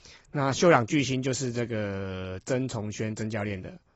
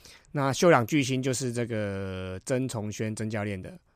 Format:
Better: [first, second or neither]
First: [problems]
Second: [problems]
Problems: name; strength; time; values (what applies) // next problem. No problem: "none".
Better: second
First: garbled, watery; badly; nothing above 7.5 kHz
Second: none